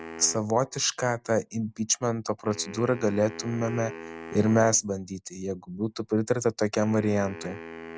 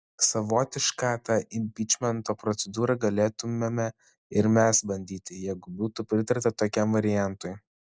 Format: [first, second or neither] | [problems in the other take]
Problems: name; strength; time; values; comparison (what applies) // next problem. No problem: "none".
second | background sound (Wind instrument, woodwind instrument); 16 dB below the speech